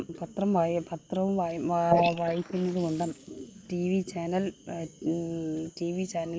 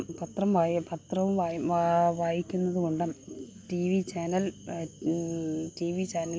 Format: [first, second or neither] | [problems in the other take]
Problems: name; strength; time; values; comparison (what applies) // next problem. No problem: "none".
second | noise reduction (neural mask model Resemble Enhance denoiser)